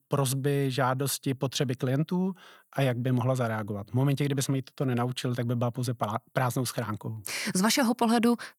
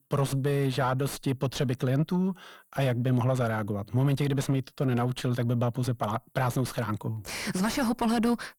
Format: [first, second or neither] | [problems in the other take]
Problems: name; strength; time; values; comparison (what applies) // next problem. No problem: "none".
first | distortion; slight; 8 dB below the speech